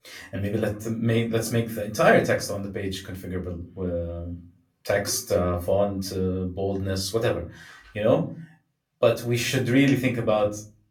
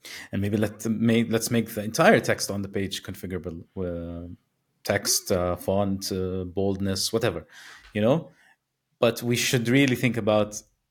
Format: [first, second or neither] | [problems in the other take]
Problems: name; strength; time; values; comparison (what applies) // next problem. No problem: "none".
second | off-mic speech; far // room echo; very slight; dies away in 0.3 s